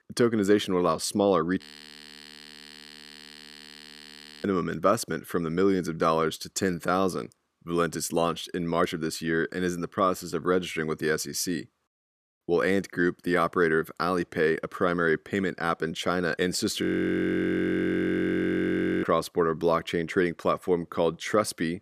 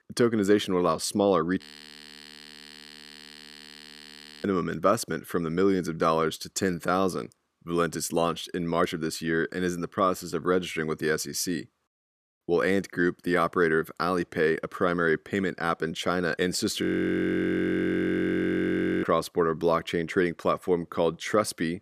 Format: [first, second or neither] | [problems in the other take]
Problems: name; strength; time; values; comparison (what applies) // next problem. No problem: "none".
neither | audio freezing; at 1.5 s for 3 s and at 17 s for 2 s; the same in both